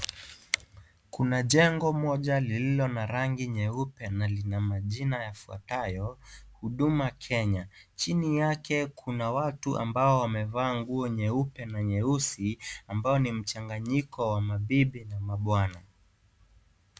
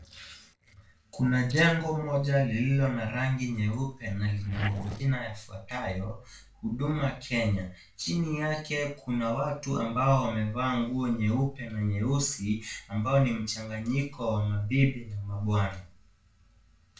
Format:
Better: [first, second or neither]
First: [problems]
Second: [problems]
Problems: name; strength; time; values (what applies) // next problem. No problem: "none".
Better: first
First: none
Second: noise reduction (neural separator model SepFormer DNS4)